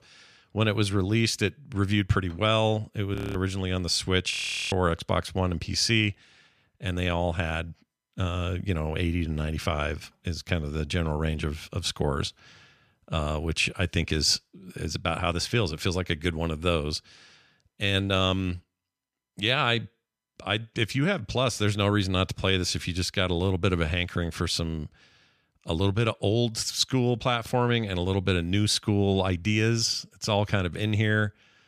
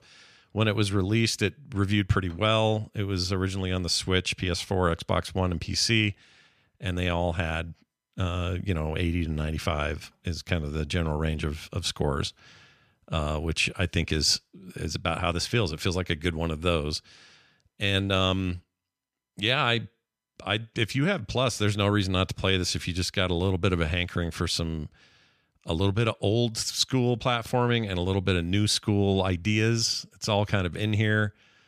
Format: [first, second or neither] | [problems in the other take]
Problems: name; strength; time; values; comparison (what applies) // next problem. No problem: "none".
second | audio freezing; at 3 s and at 4.5 s